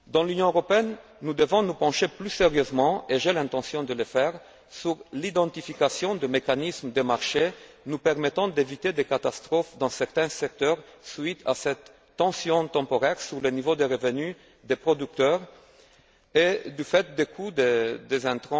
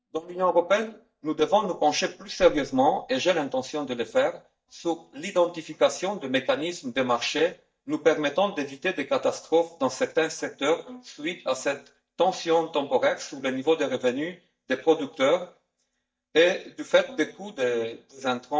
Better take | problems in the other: first | noise reduction (neural mask model DeepFilterNet 3)

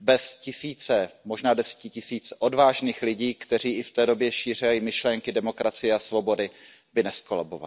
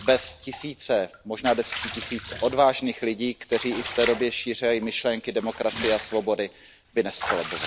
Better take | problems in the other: first | background sound (Bathtub (filling or washing) / Water / Liquid); 11 dB below the speech

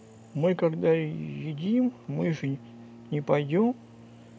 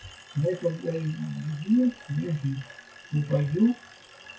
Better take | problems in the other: first | noise reduction (classical method WPE with log-MMSE)

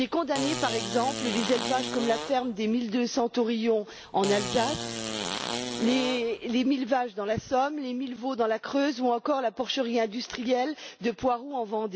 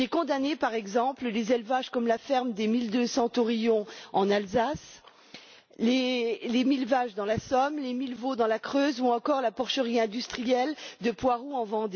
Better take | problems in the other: second | background sound (Fart); 6 dB below the speech

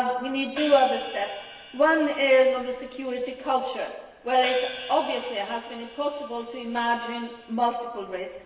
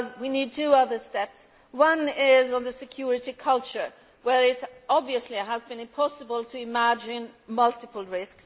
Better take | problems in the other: second | background sound (Hi-hat); 15 dB below the speech // room echo; dies away in 1.4 s

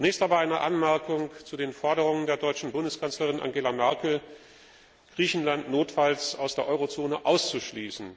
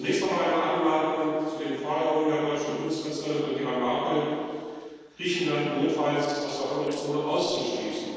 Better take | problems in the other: first | noise reduction (neural separator model SepFormer DNS4)

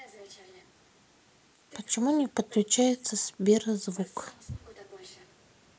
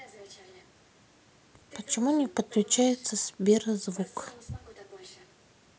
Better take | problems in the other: second | noise reduction (neural mask model Resemble Enhance denoiser)

